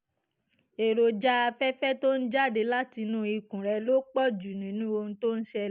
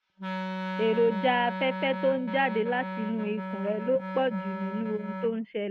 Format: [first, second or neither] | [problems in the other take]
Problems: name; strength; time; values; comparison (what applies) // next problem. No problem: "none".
first | noise reduction (neural mask model RNNoise)